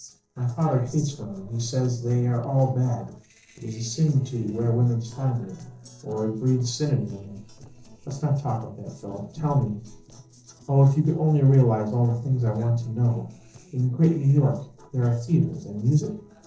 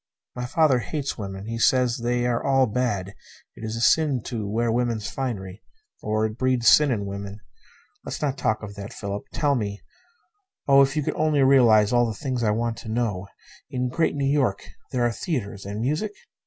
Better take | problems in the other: second | noise reduction (neural separator model SepFormer DNS4)

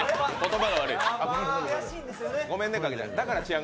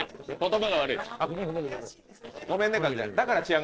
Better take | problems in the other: first | noise reduction (neural separator model SepFormer DNS4)

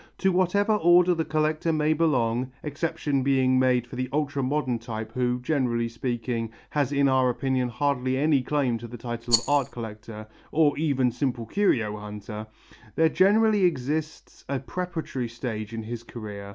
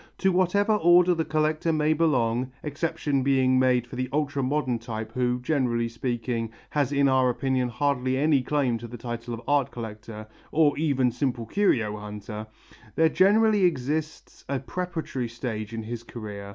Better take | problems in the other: second | background sound (Rattle); 5 dB below the speech

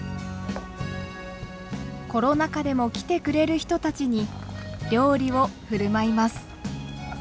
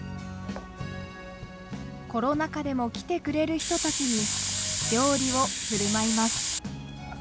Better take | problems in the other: first | background sound (Hiss); 1 dB above the speech

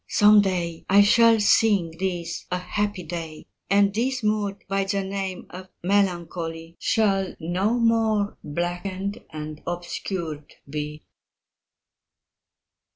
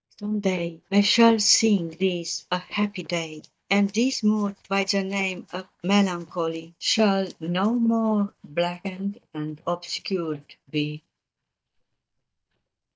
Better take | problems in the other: first | noise reduction (neural mask model DeepFilterNet 3)

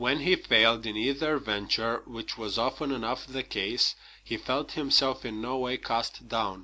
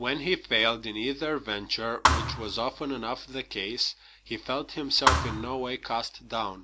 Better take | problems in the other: first | background sound (Thump, thud); 3 dB above the speech

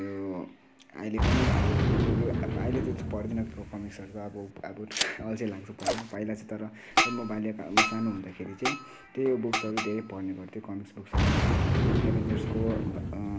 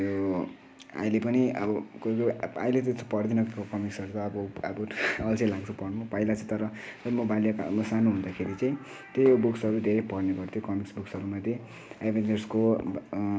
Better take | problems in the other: second | background sound (Boom); 4 dB above the speech

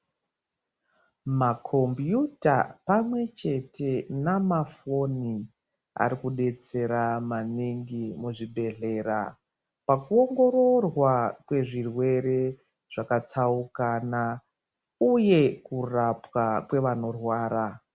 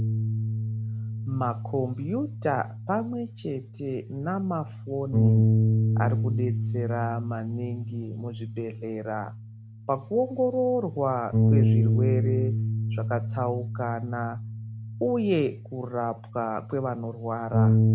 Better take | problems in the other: first | background sound (Bass guitar); 3 dB above the speech

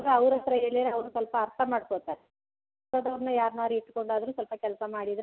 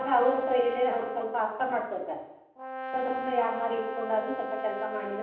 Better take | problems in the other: first | background sound (Brass instrument); 8 dB below the speech // room echo; dies away in 0.9 s

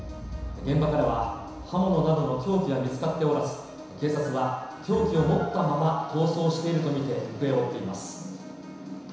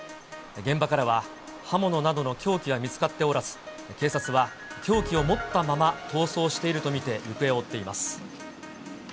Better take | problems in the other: second | background sound (Boom); 18 dB below the speech // room echo; dies away in 1 s

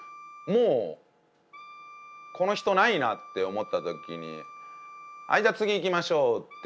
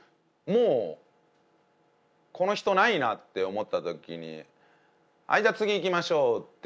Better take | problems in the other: second | background sound (Wind instrument, woodwind instrument); 19 dB below the speech

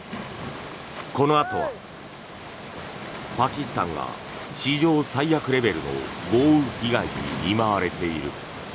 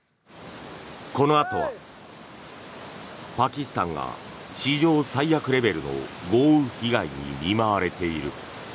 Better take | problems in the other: second | background sound (Waves, surf); 11 dB below the speech

